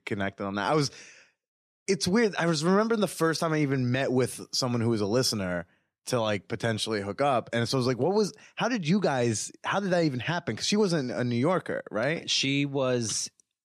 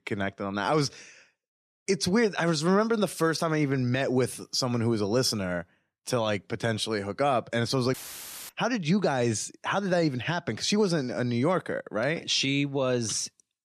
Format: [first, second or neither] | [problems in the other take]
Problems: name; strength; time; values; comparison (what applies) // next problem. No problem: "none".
first | audio cutting out; filled with static; at 8 s for 0.5 s